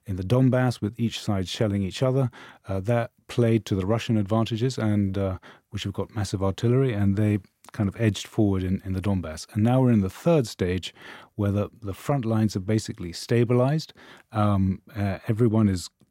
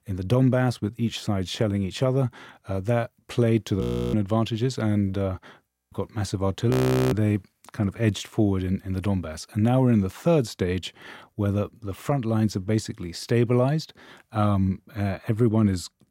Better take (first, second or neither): first